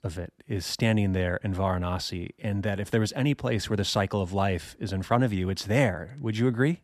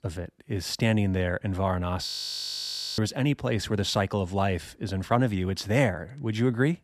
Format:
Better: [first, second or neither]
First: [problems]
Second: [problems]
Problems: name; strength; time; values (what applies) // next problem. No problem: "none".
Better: first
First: none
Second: audio freezing; at 2 s for 1 s